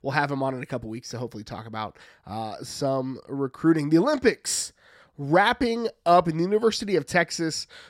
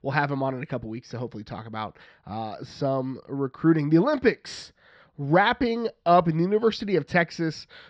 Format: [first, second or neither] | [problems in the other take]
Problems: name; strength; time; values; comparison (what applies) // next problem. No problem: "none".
first | muffled; slightly; fading above 4.5 kHz